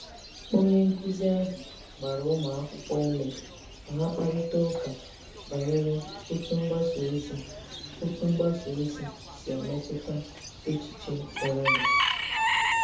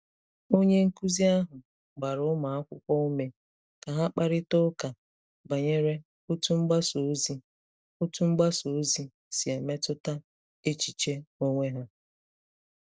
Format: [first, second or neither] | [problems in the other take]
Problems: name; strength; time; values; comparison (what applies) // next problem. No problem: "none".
second | background sound (Bird / Chicken, rooster); 4 dB below the speech // room echo; dies away in 0.5 s